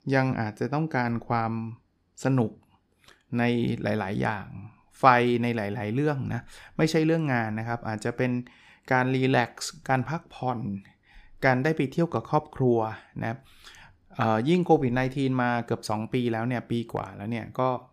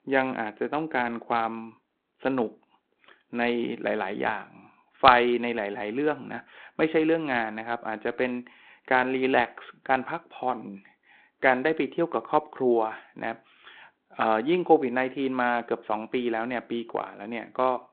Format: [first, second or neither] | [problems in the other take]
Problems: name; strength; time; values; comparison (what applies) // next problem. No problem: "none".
first | phone-call audio; nothing above 4 kHz